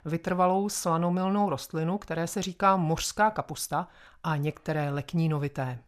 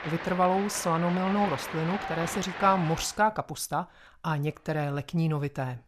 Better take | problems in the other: first | crowd noise; loud; until 3 s; 8 dB below the speech

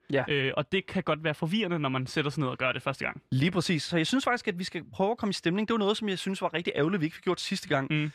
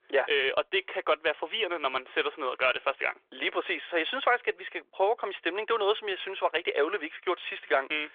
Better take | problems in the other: first | phone-call audio; nothing above 3.5 kHz

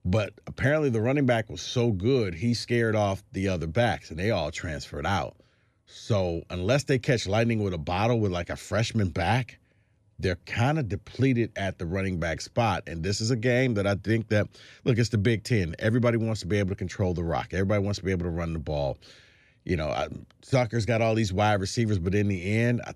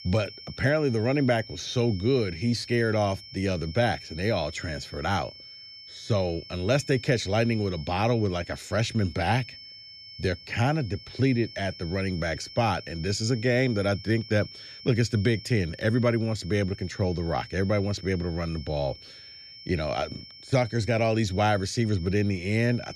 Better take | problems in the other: first | high-pitched whine; noticeable; throughout; 5.5 kHz, 15 dB below the speech

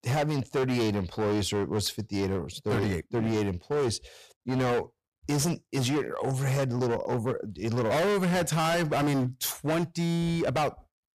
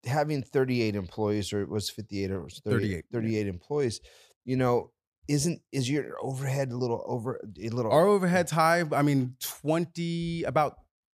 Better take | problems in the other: second | distortion; heavy; 23% of the sound clipped

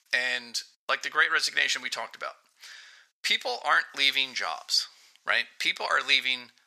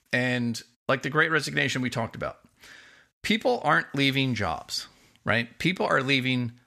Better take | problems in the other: second | thin; very; fading below 900 Hz

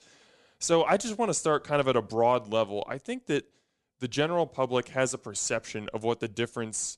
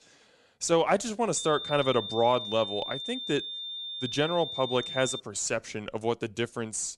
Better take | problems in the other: first | high-pitched whine; loud; from 1.5 to 5 s; 3.5 kHz, 6 dB below the speech

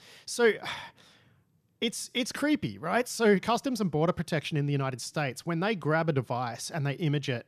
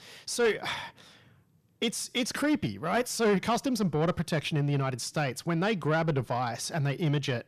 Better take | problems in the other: first | distortion; slight; 10 dB below the speech

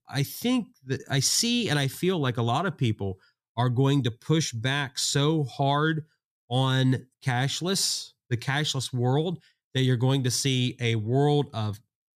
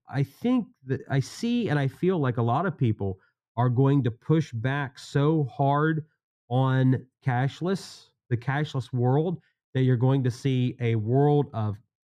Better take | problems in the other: first | muffled; very; fading above 2.5 kHz

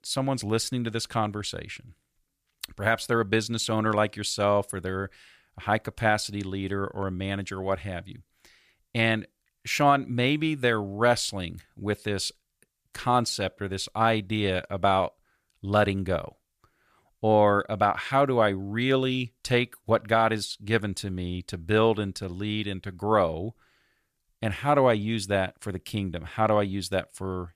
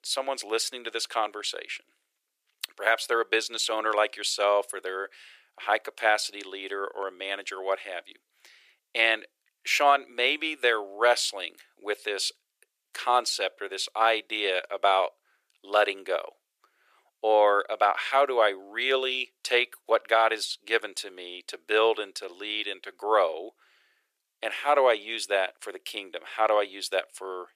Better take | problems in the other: first | thin; very; fading below 400 Hz

